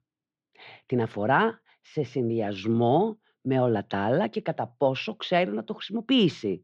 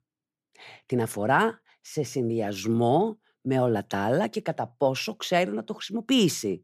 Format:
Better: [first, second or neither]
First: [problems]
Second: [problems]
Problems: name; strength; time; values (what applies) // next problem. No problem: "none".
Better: second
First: muffled; slightly; fading above 3.5 kHz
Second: none